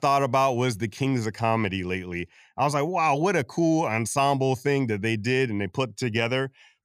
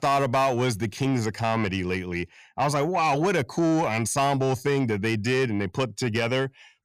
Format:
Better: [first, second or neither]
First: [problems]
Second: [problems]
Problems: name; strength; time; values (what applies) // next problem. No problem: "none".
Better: first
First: none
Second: distortion; slight; 10 dB below the speech